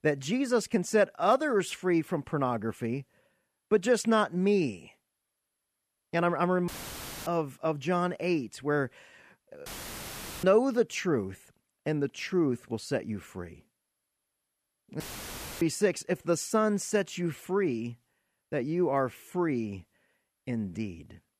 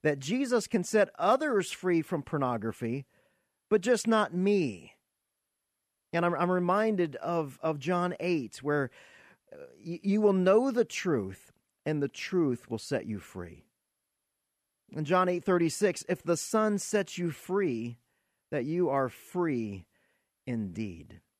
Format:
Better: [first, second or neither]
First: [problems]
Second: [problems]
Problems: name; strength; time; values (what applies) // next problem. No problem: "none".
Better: second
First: audio cutting out; filled with static; at 6.5 s for 0.5 s, at 9.5 s for 1 s and at 15 s for 0.5 s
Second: none